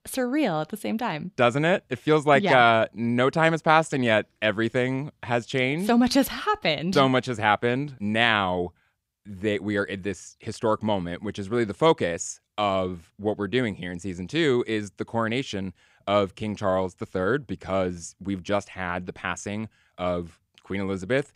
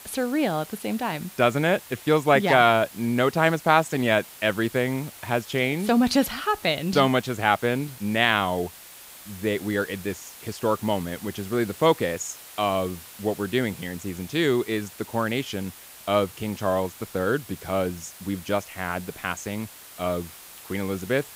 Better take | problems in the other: first | hiss; noticeable; throughout; 15 dB below the speech

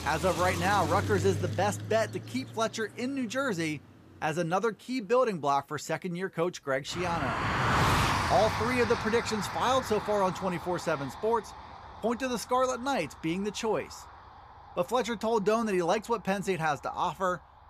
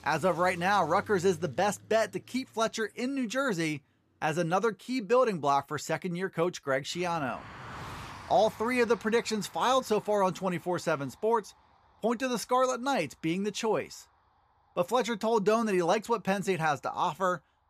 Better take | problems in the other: second | traffic noise; loud; throughout; 3 dB below the speech; faint in the second

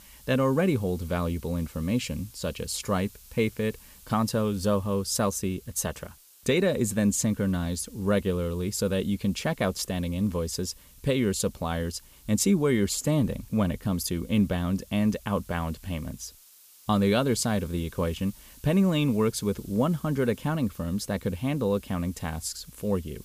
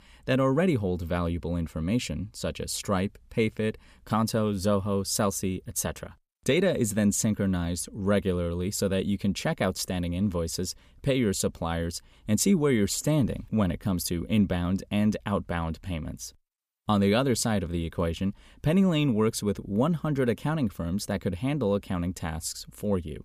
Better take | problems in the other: second | hiss; faint; throughout; 25 dB below the speech

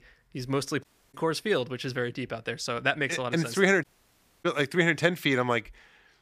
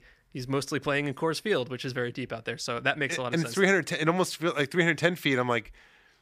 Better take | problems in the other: second | audio cutting out; at 1 s and at 4 s for 0.5 s

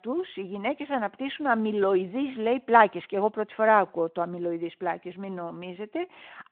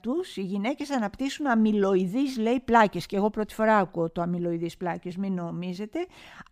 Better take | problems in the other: second | phone-call audio

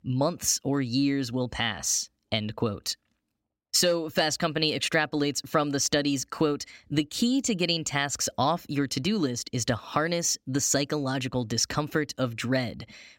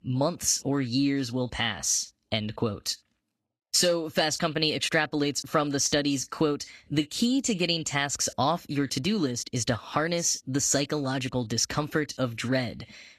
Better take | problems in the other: first | garbled, watery; slightly; nothing above 13 kHz

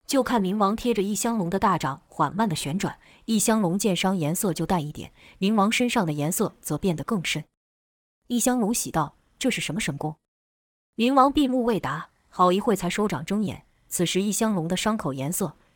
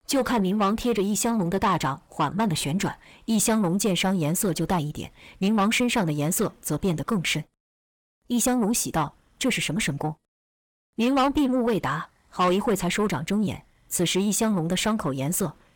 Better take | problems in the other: first | distortion; slight; 10 dB below the speech

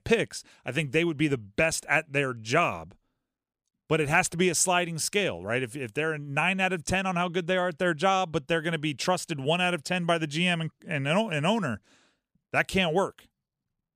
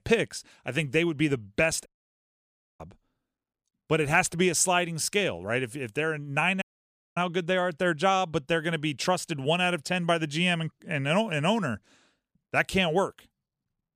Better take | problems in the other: first | audio cutting out; at 2 s for 1 s and at 6.5 s for 0.5 s

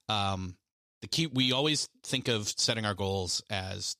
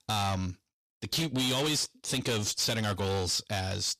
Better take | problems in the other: first | distortion; heavy; 6 dB below the speech

